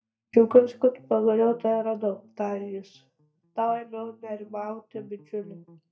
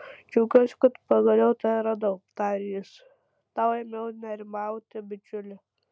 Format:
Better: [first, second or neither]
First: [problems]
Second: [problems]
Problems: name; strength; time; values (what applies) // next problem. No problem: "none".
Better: second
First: noise reduction (neural mask model DeepFilterNet 3)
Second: none